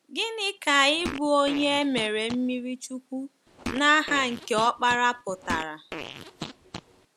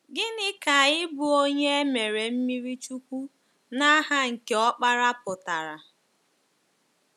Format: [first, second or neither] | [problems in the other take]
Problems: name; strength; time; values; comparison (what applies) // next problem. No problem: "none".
second | background sound (Fart); 12 dB below the speech